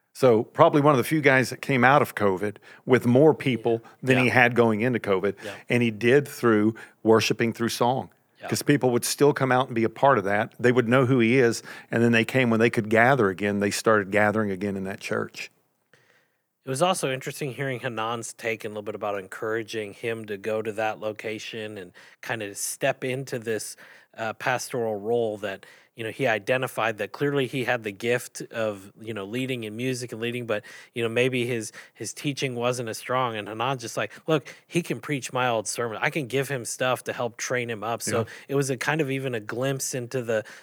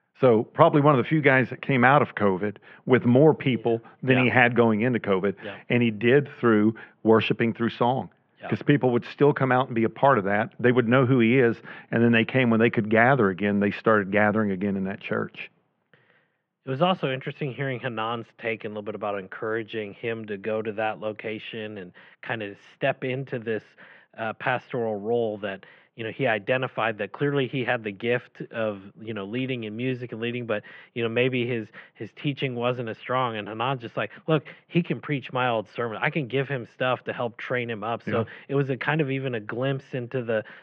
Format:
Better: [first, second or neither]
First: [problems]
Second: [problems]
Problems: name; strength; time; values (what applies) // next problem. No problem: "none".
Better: first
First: none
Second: muffled; very; fading above 3 kHz